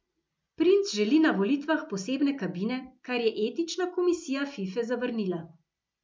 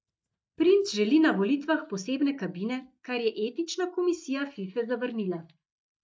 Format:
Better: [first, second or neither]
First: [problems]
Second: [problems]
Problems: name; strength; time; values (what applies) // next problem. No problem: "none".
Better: first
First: none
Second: noise reduction (neural mask model DeepFilterNet 3)